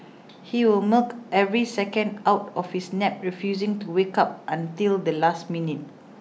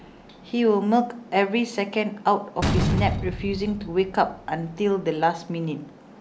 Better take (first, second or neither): first